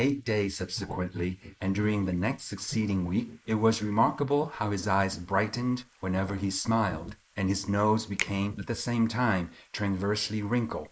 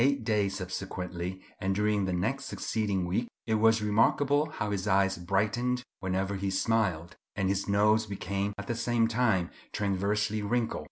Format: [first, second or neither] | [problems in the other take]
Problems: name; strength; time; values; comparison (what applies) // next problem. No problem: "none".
second | noise reduction (neural mask model Resemble Enhance denoiser)